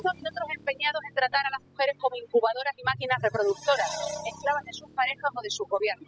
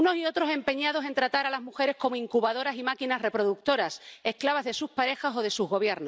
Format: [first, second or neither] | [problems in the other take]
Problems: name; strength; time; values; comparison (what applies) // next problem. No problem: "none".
second | noise reduction (classical method spectral subtraction)